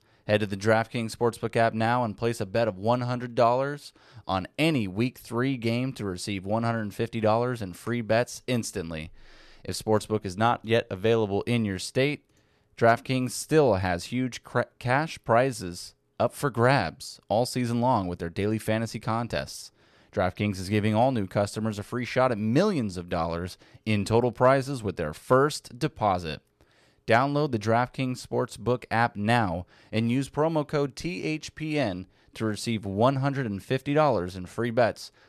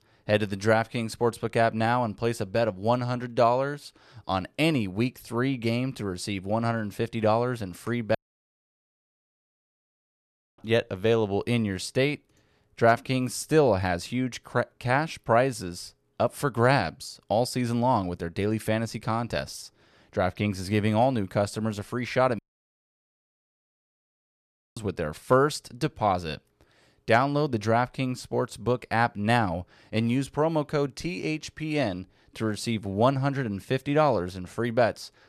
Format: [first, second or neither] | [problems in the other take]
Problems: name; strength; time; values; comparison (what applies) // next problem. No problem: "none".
first | audio cutting out; at 8 s for 2.5 s and at 22 s for 2.5 s